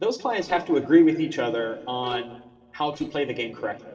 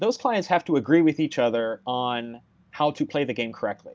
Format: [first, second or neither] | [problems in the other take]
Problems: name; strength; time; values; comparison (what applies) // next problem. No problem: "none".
second | noise reduction (neural separator model SepFormer DNS4)